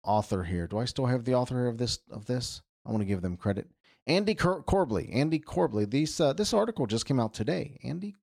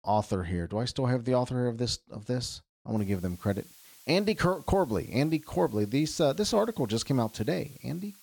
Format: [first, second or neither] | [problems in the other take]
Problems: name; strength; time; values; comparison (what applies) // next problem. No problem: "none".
first | hiss; faint; from 3 s on; 20 dB below the speech